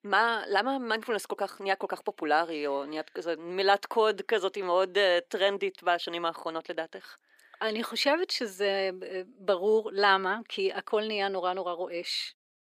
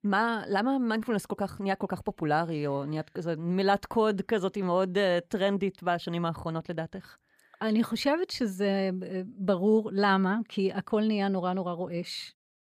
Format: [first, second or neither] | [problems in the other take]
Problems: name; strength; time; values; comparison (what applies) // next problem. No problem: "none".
second | thin; somewhat; fading below 300 Hz